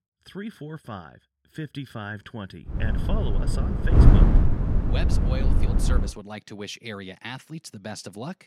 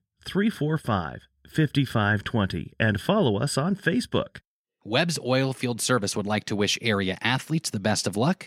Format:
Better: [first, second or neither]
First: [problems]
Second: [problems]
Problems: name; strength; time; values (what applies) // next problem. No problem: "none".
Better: second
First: wind noise on the microphone; heavy; from 2.5 to 6 s; 3 dB above the speech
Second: none